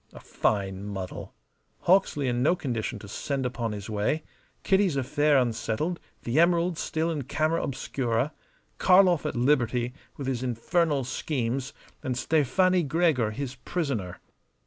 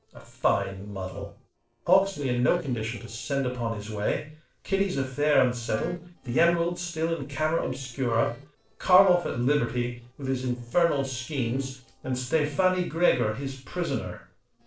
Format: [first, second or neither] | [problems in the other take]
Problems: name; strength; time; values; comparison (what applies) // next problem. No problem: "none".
first | noise reduction (neural separator model SepFormer DNS4)